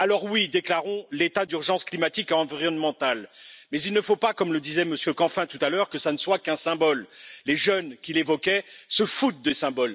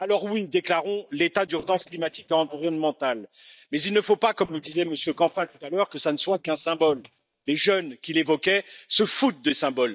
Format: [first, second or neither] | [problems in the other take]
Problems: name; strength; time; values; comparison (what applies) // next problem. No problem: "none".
first | noise reduction (neural mask model DeepFilterNet 3)